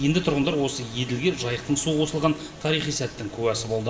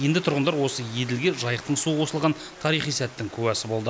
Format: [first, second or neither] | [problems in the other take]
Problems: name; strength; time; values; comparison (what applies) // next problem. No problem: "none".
second | background sound (Waves, surf); 20 dB below the speech // room echo; dies away in 1.6 s